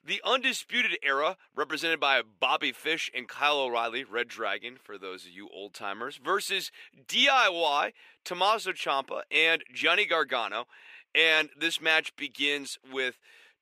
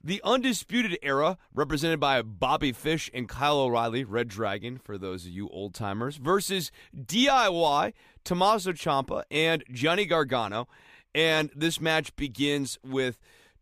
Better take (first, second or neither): second